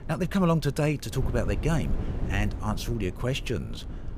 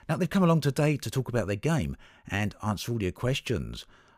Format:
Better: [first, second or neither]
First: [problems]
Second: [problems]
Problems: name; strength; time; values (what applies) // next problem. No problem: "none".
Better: second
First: wind noise on the microphone; occasional gusts; 15 dB below the speech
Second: none